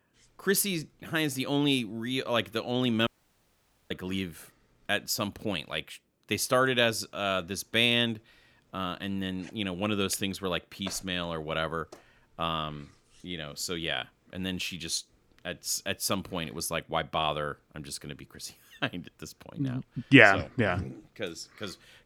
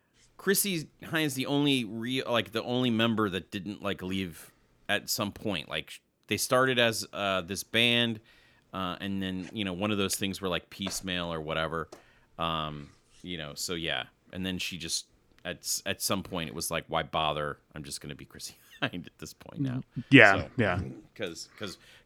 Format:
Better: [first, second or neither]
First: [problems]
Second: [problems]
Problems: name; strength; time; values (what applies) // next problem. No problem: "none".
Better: second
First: audio cutting out; at 3 s for 1 s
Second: none